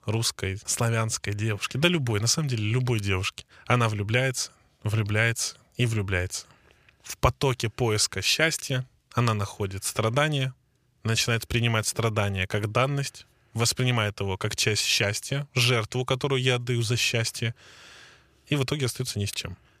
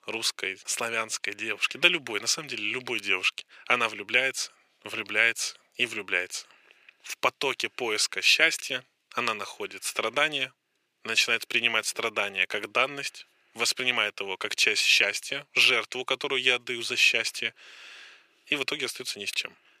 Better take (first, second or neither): first